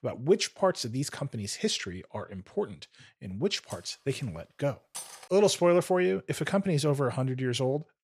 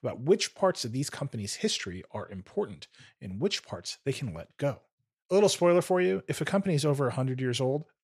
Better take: second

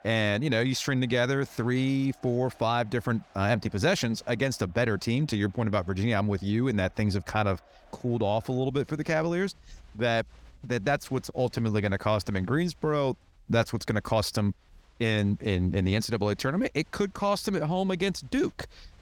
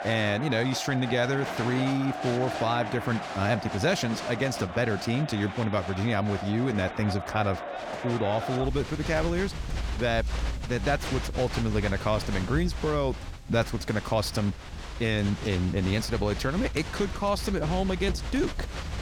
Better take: first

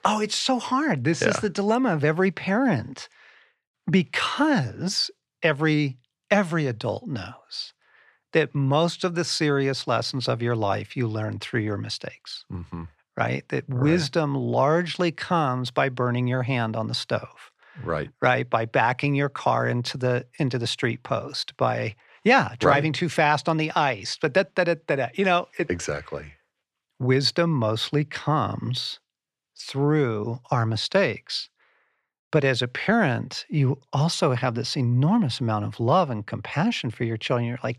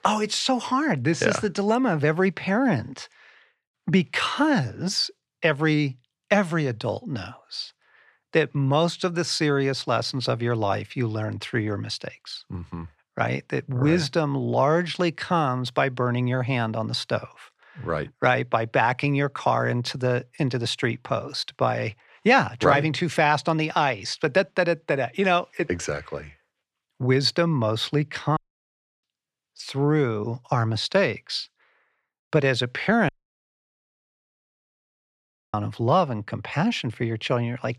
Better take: first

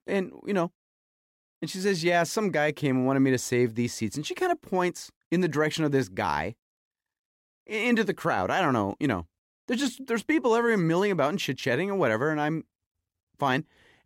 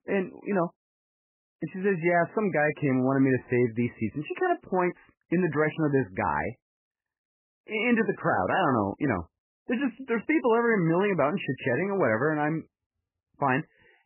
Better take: first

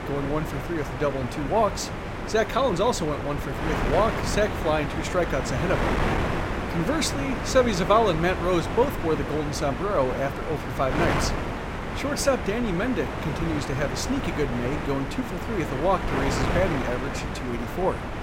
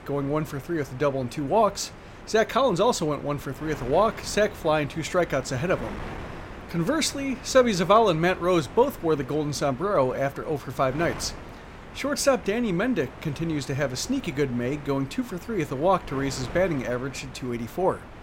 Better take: second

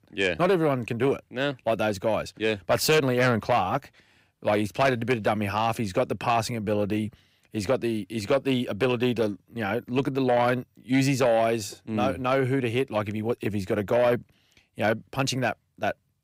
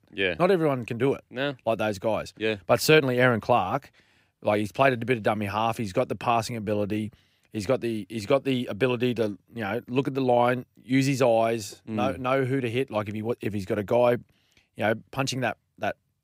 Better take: second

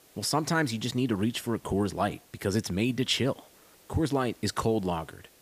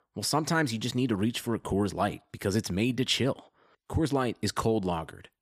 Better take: second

